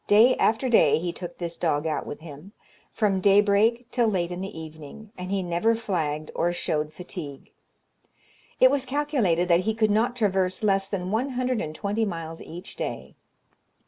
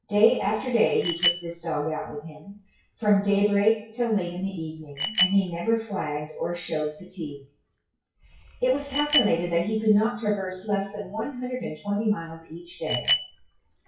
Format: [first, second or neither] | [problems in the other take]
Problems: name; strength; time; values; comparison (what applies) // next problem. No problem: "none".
first | noise reduction (classical method WPE with log-MMSE)